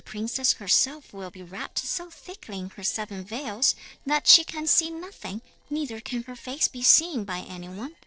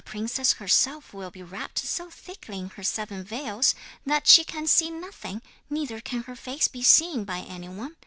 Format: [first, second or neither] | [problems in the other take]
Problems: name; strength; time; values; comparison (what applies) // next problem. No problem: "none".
second | noise reduction (neural separator model SepFormer DNS4)